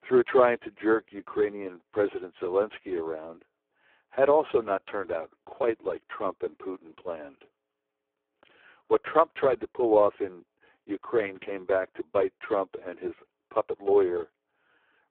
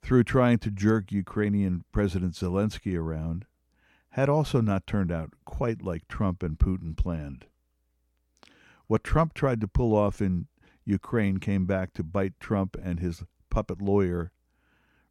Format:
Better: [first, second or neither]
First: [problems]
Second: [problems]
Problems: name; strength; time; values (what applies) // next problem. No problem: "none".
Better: second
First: phone-call audio; poor line; nothing above 3.5 kHz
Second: none